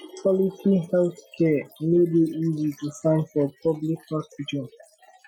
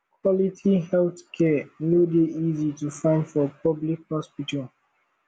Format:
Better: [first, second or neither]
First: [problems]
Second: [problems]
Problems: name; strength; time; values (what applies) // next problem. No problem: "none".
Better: second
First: noise reduction (classical method Wiener filter)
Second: none